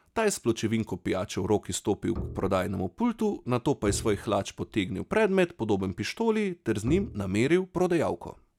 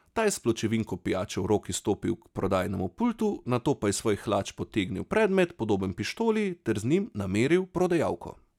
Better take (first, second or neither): second